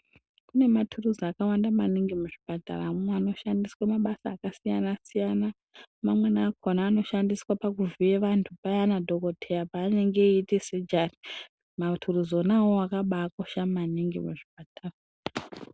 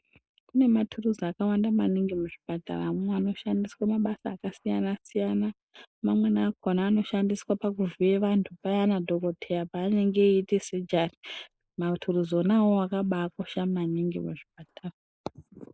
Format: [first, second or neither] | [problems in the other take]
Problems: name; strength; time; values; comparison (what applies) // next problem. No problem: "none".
first | noise reduction (neural mask model Resemble Enhance denoiser)